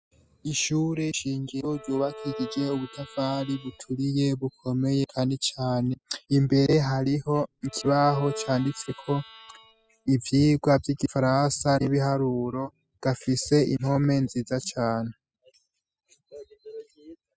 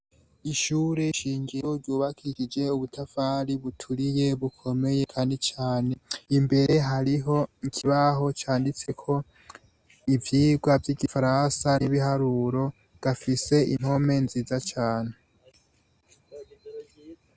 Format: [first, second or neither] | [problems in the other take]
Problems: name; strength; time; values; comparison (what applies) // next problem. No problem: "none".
second | noise reduction (classical method spectral subtraction)